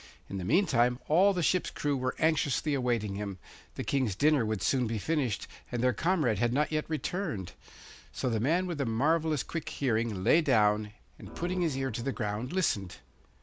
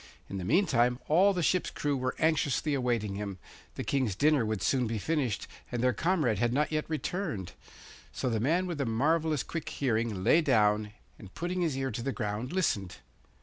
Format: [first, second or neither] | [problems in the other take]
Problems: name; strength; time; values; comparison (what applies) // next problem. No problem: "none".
second | background sound (Organ); 17 dB below the speech